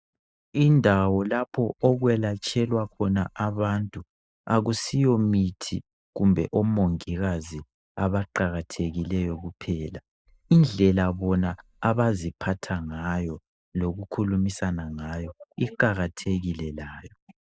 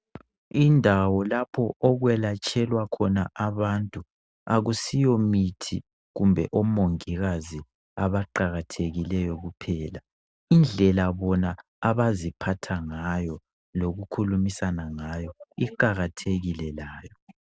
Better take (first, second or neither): second